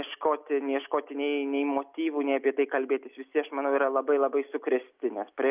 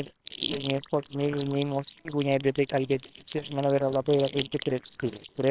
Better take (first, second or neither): first